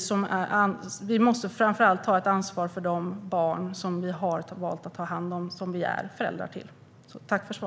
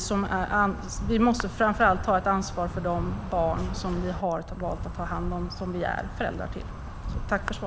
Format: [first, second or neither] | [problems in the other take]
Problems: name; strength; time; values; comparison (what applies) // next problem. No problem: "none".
first | background sound (Insect); 6 dB below the speech